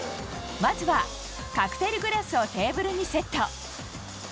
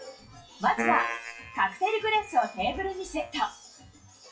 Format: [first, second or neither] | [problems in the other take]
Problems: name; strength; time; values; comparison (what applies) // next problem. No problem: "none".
first | noise reduction (classical method WPE with log-MMSE)